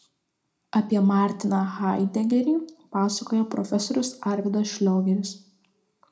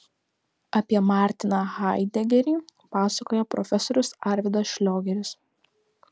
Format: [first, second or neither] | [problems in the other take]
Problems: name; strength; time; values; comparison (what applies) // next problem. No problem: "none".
second | room echo; dies away in 0.3 s